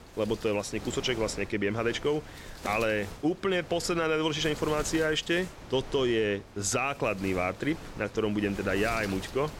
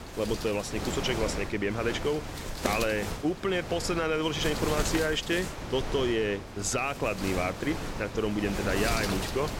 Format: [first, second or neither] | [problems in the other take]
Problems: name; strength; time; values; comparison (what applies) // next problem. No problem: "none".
first | wind noise on the microphone; heavy; 6 dB below the speech; occasional gusts in the first